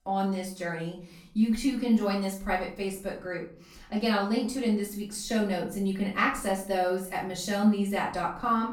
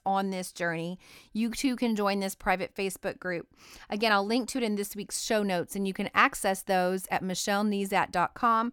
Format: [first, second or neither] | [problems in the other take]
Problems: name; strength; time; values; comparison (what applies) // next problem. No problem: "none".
second | off-mic speech; far // room echo; slight; dies away in 0.5 s